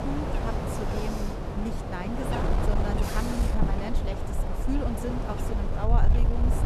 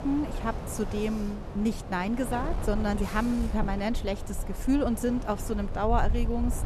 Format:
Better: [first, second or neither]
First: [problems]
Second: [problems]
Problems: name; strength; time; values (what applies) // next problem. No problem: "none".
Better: second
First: wind noise on the microphone; heavy; 2 dB above the speech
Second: wind noise on the microphone; occasional gusts; 10 dB below the speech